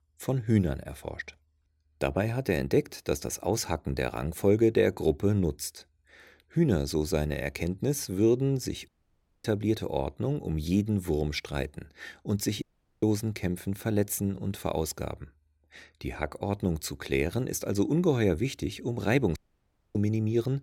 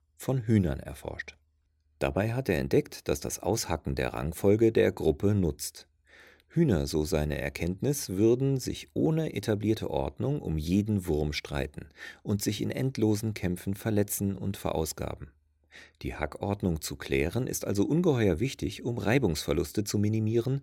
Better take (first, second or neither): second